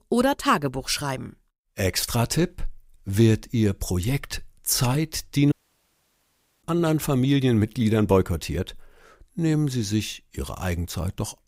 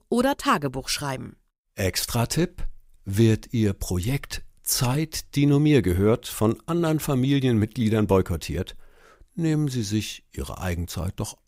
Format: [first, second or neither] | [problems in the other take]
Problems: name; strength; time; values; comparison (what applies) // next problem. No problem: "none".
second | audio cutting out; at 5.5 s for 1 s